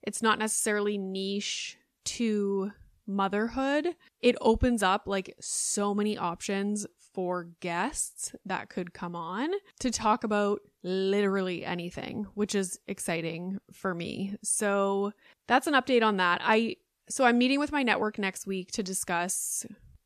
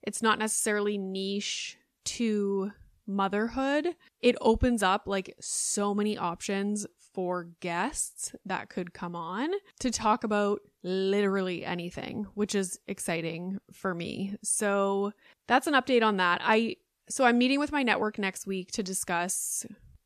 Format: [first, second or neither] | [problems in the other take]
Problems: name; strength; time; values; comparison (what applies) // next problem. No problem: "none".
neither | none